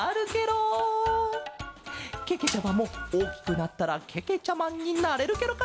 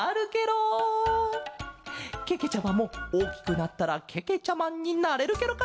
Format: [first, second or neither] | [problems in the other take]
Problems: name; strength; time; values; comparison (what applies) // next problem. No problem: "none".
second | background sound (Engine); 15 dB below the speech